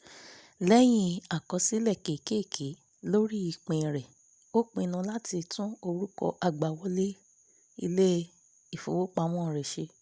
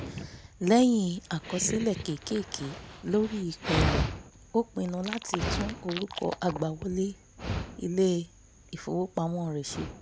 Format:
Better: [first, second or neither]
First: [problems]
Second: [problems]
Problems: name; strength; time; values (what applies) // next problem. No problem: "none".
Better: first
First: none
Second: background sound (Dog); 6 dB below the speech